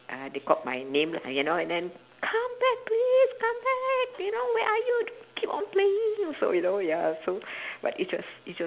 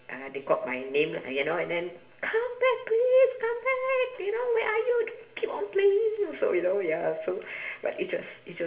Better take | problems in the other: first | room echo; dies away in 0.6 s

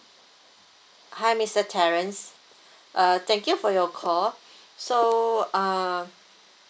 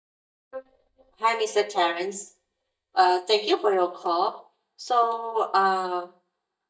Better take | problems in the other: first | noise reduction (neural mask model DeepFilterNet 3)

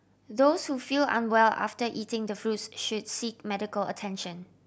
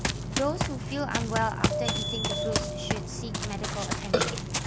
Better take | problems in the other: first | background sound (Run + Burping, eructation); 5 dB above the speech

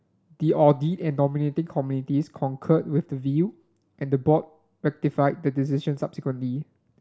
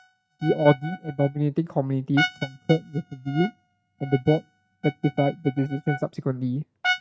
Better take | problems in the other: first | noise reduction (neural mask model RNNoise)

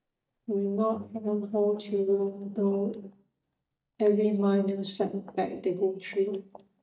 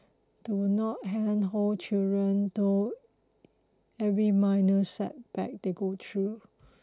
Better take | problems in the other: second | noise reduction (neural mask model DeepFilterNet 3)

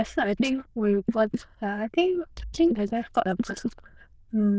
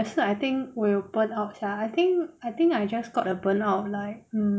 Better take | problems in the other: second | noise reduction (neural diffusion model UNIVERSE++)

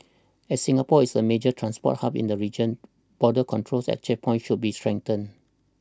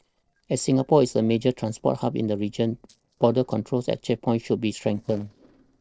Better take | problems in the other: first | noise reduction (neural separator model SepFormer DNS4)

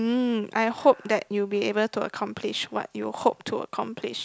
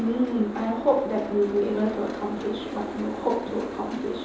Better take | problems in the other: first | background sound (Boat, Water vehicle); 8 dB below the speech // room echo; dies away in 2.8 s

